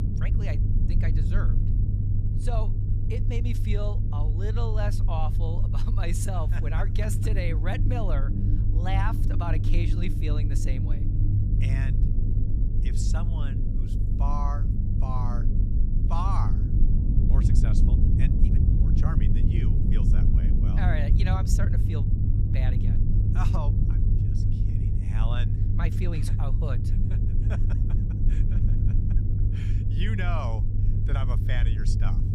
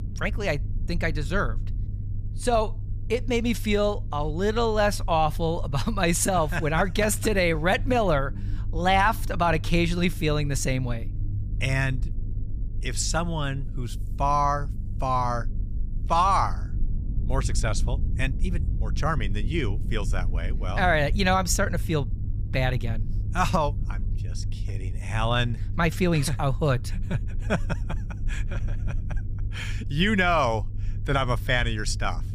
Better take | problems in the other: second | low rumble; loud; throughout; 3 dB below the speech; faint in the second

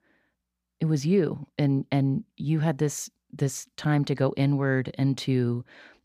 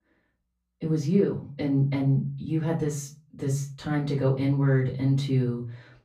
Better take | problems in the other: first | off-mic speech; far // room echo; slight; dies away in 0.3 s

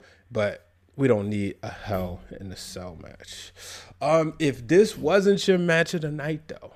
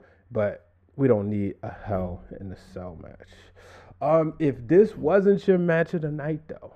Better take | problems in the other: first | muffled; very; fading above 2.5 kHz

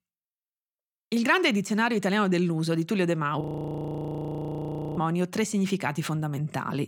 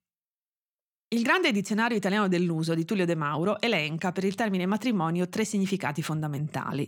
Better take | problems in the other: second | audio freezing; at 3.5 s for 1.5 s

